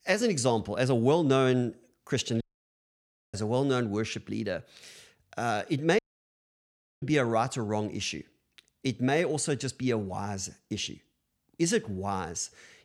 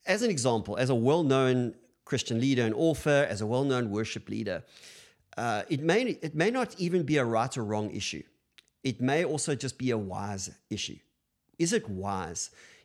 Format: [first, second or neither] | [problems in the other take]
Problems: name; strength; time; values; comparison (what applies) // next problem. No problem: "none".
second | audio cutting out; at 2.5 s for 1 s and at 6 s for 1 s